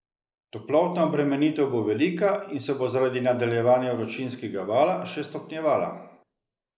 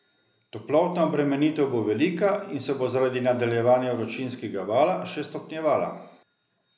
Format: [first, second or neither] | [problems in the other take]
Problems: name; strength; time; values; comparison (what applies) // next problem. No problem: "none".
second | noise reduction (neural mask model Resemble Enhance denoiser)